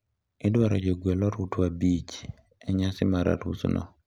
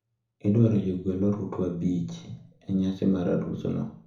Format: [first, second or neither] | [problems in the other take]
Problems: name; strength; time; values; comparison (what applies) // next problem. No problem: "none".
first | room echo; dies away in 0.7 s